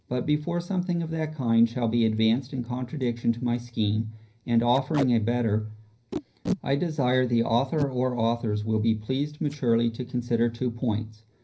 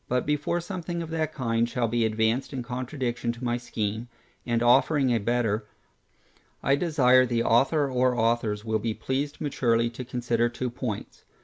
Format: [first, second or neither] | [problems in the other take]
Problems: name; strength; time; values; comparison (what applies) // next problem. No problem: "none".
second | background sound (Packing tape, duct tape); 16 dB below the speech // room echo; dies away in 0.5 s